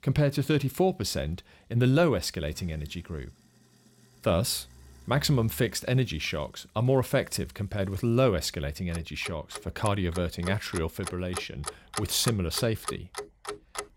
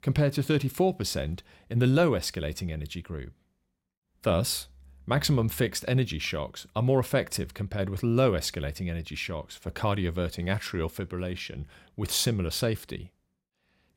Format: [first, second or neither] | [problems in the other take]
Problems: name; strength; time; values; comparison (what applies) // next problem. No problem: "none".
second | household noises; noticeable; throughout; 10 dB below the speech